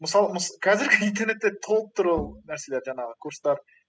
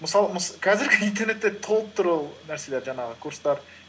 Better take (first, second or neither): second